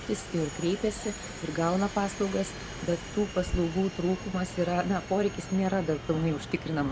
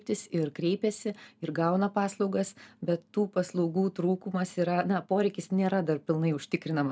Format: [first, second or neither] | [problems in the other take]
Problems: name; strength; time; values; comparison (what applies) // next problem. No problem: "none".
second | background sound (Subway, metro, underground); 10 dB below the speech